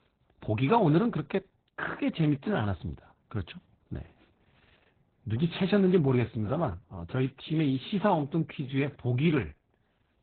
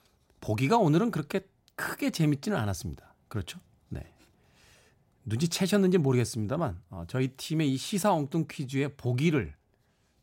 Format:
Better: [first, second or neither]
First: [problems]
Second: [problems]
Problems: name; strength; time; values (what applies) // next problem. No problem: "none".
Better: second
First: garbled, watery; badly; nothing above 4 kHz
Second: none